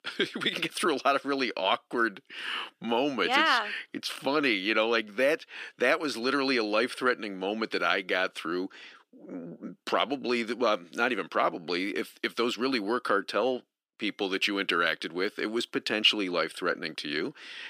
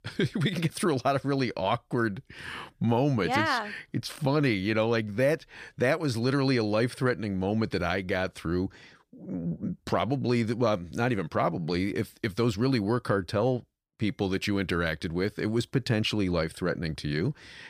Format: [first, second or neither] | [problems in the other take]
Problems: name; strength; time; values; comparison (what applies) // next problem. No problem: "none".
second | thin; somewhat; fading below 250 Hz